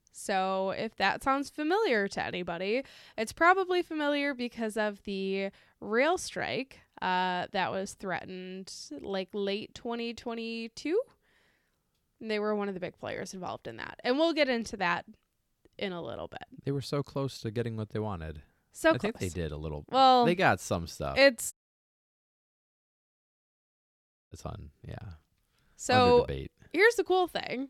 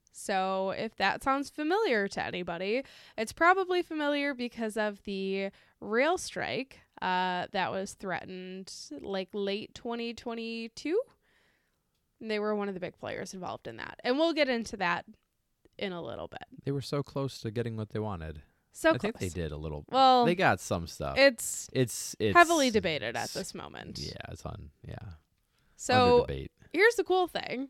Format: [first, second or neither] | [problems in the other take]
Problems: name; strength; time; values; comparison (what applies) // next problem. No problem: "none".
second | audio cutting out; at 22 s for 3 s